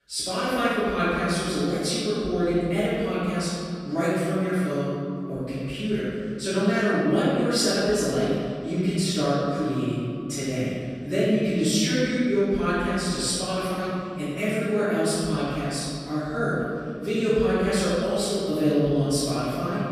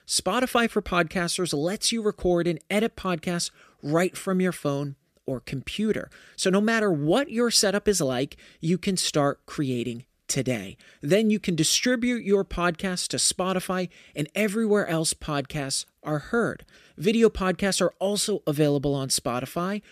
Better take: second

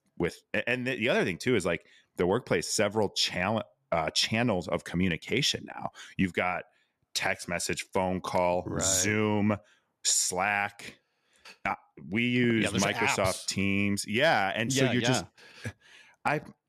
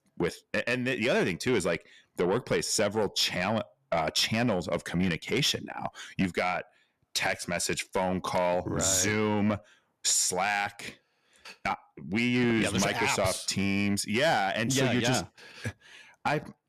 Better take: first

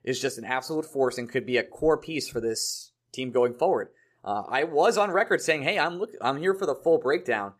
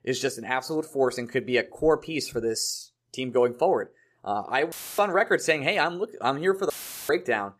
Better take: first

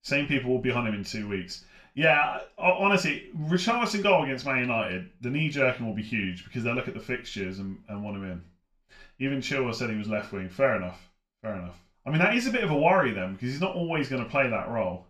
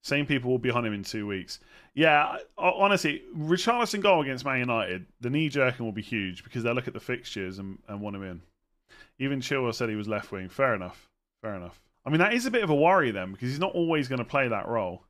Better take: second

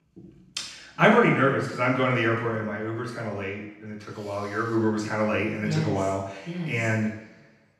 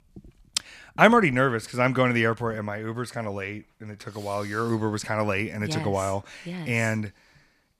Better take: second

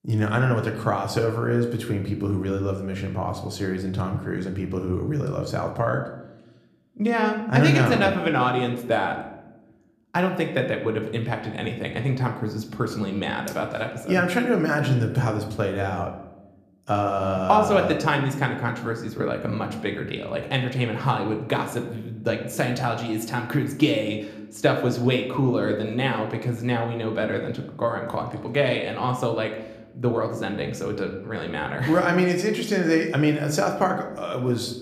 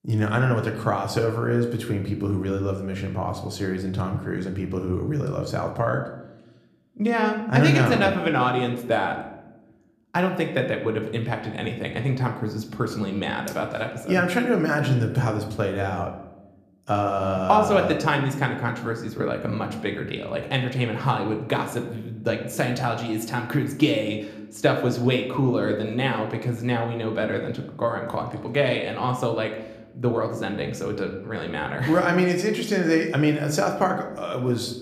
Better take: neither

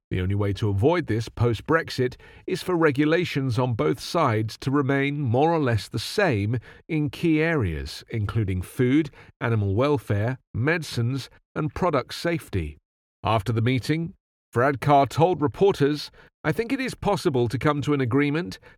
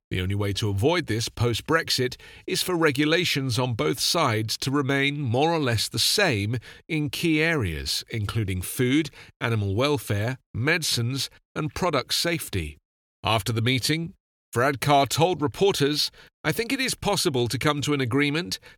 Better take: second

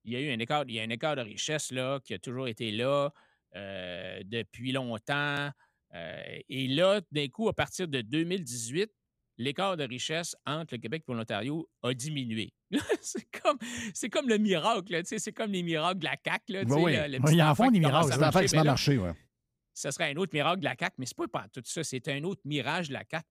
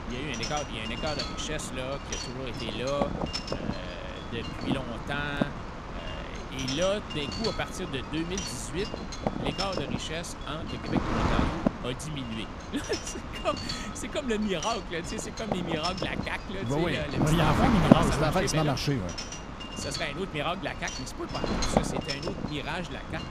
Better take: first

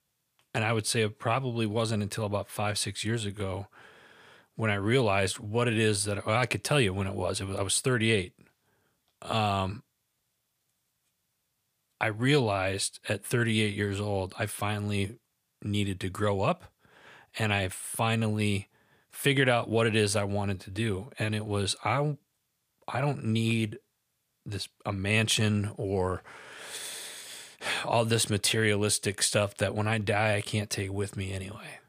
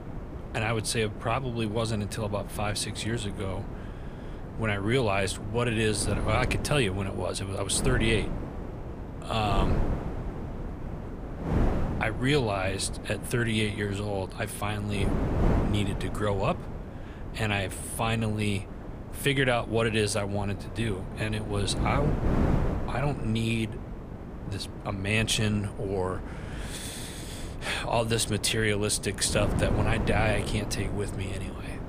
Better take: first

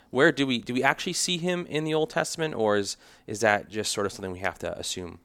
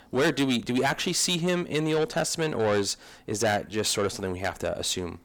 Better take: first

